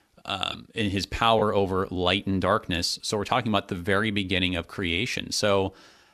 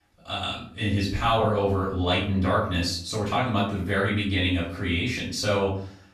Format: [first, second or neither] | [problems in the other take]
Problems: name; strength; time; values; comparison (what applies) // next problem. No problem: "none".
first | room echo; noticeable; dies away in 0.5 s // off-mic speech; far